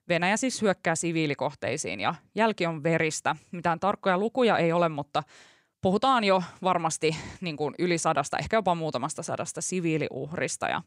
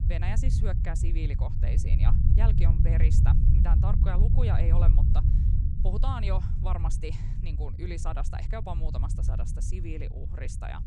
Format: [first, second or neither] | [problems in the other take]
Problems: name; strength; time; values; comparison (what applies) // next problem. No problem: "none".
first | low rumble; loud; throughout; 3 dB below the speech